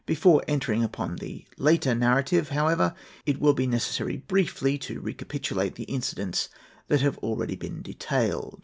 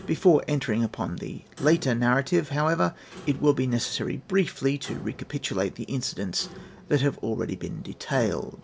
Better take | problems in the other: first | background sound (Clock); 20 dB below the speech

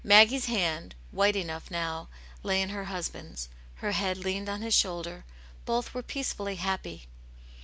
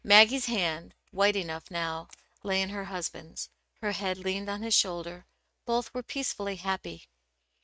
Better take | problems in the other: first | noise reduction (neural mask model RNNoise)

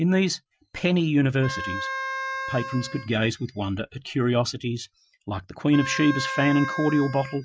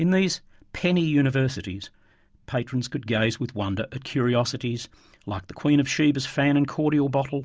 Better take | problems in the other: second | noise reduction (classical method Wiener filter)

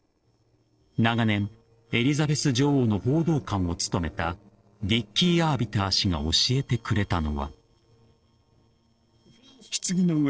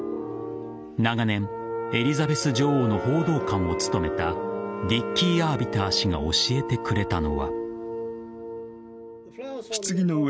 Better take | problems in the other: second | noise reduction (neural separator model SepFormer DNS4)

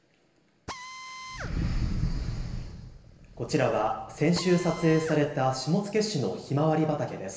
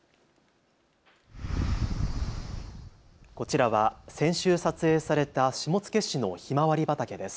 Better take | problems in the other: second | background sound (Drill); 17 dB below the speech // room echo; dies away in 0.8 s

